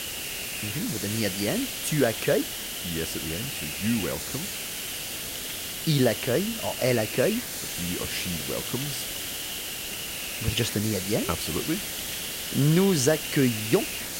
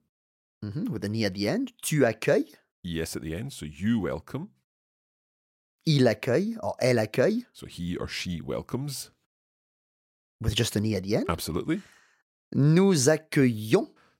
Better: second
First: hiss; loud; throughout; 3 dB below the speech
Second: none

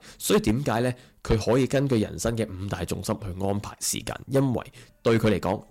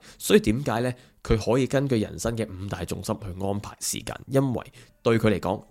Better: second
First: distortion; slight; 3% of the sound clipped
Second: none

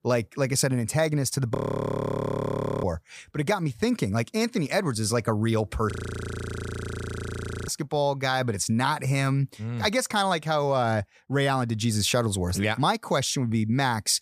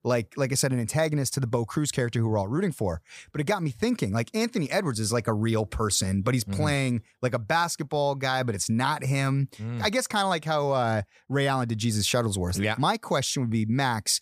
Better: second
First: audio freezing; at 1.5 s for 1.5 s and at 6 s for 2 s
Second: none

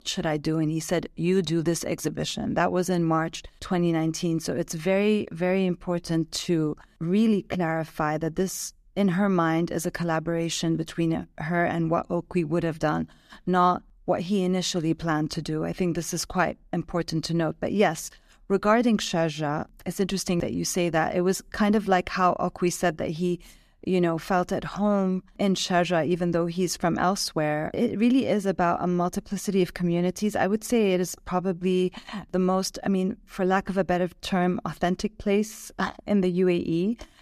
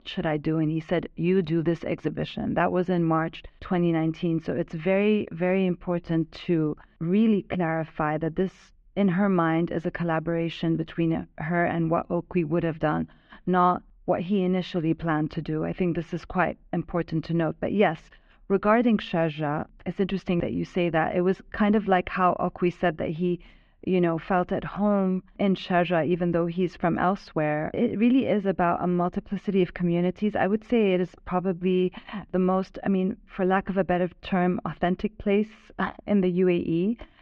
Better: first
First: none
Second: muffled; very; fading above 3 kHz

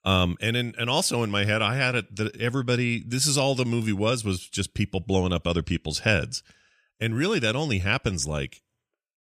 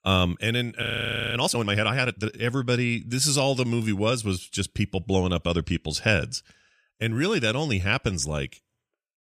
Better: first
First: none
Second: audio freezing; at 1 s for 0.5 s

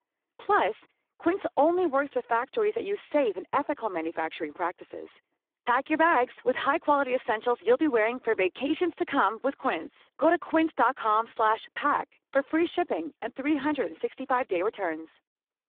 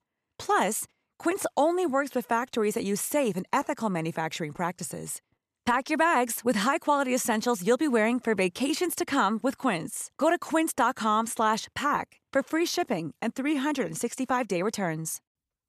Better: second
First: phone-call audio; poor line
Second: none

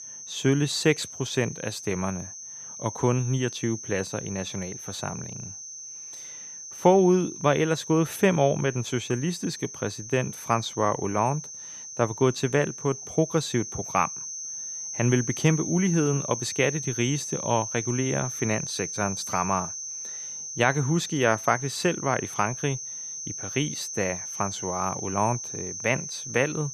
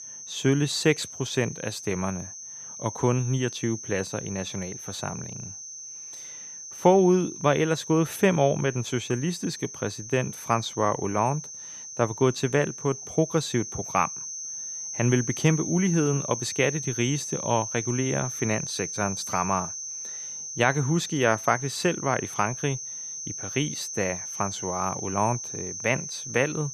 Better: neither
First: high-pitched whine; loud; throughout; 6 kHz, 8 dB below the speech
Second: high-pitched whine; loud; throughout; 6 kHz, 8 dB below the speech

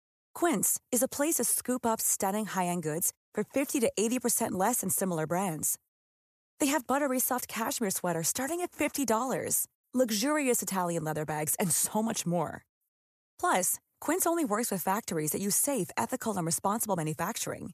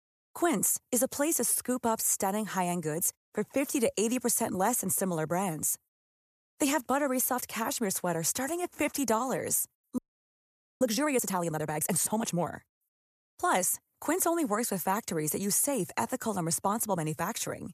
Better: first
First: none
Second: audio freezing; at 10 s for 1 s

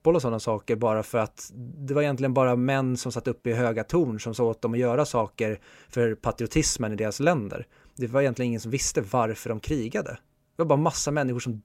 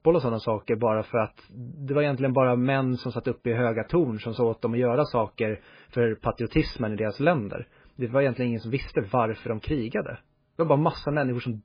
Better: first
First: none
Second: garbled, watery; badly; nothing above 5 kHz

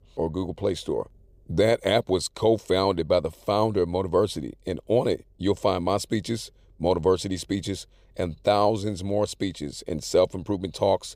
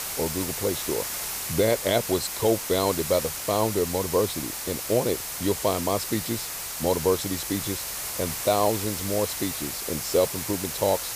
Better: first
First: none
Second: hiss; loud; throughout; 3 dB below the speech

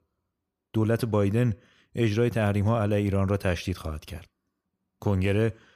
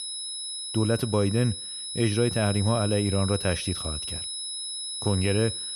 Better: first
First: none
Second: high-pitched whine; loud; throughout; 4 kHz, 5 dB below the speech

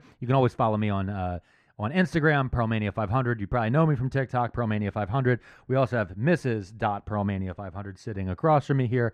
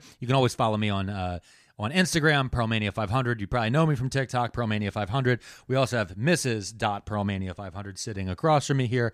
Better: second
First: muffled; very; fading above 3 kHz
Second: none

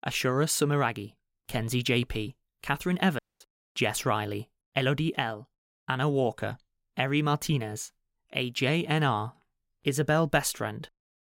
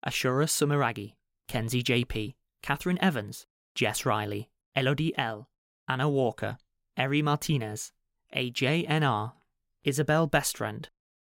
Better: second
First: audio cutting out; at 3 s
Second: none

